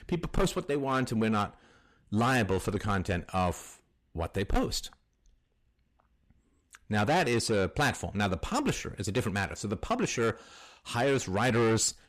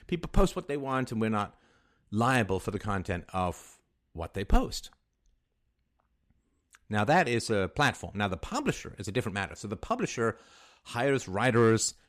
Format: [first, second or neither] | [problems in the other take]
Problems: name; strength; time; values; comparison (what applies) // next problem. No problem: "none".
second | distortion; heavy; 7 dB below the speech